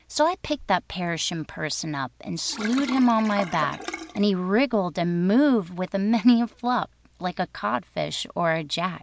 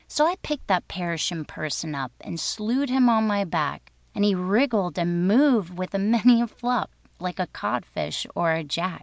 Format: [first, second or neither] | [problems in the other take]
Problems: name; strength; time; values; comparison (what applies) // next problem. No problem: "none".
second | background sound (Sink (filling or washing)); 12 dB below the speech